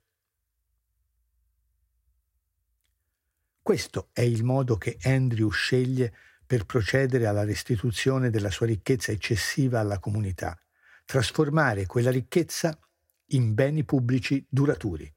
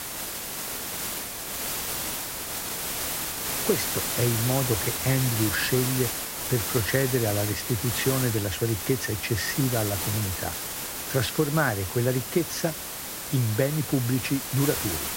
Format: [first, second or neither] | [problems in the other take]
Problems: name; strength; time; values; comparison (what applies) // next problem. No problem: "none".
first | hiss; loud; throughout; 2 dB below the speech